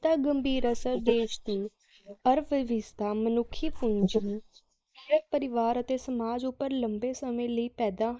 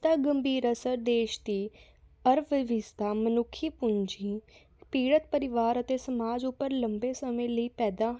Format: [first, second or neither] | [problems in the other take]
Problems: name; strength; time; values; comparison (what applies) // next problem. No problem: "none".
second | noise reduction (neural mask model Resemble Enhance denoiser)